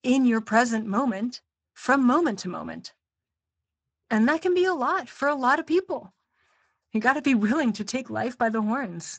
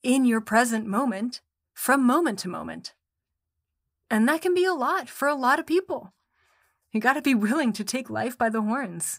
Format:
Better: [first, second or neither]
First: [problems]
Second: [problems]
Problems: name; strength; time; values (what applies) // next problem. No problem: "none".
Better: second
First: garbled, watery; slightly; nothing above 7.5 kHz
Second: none